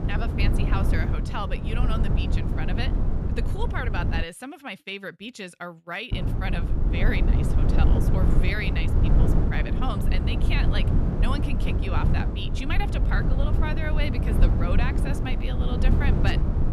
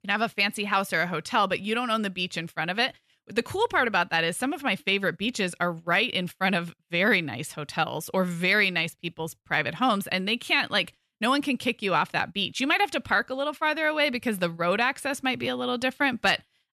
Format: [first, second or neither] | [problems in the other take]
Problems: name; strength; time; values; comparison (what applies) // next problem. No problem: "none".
second | low rumble; loud; until 4 s and from 6 s on; 3 dB below the speech